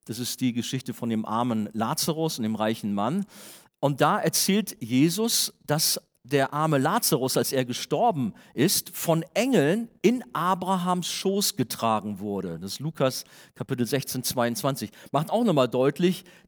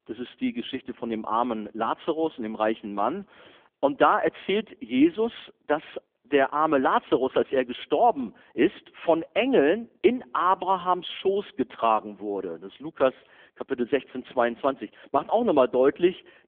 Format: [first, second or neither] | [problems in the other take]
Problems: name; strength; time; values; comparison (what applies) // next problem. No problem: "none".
first | phone-call audio; poor line; nothing above 3.5 kHz